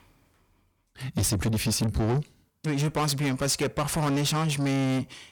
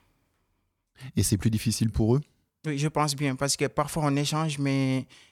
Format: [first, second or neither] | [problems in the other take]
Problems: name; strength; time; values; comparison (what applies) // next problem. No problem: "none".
second | distortion; heavy; 7 dB below the speech